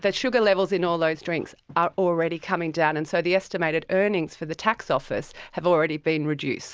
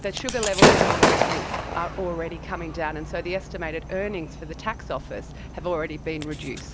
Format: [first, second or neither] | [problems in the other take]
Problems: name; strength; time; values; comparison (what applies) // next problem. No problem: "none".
first | background sound (Gunshot, gunfire / Fireworks); 5 dB above the speech